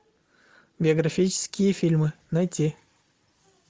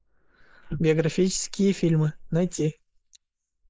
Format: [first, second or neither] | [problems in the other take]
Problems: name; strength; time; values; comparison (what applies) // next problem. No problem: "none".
first | noise reduction (neural mask model Resemble Enhance denoiser)